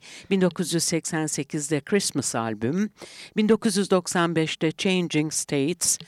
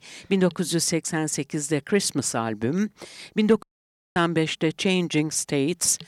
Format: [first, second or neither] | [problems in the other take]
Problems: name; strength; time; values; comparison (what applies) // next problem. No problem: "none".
first | audio cutting out; at 3.5 s for 0.5 s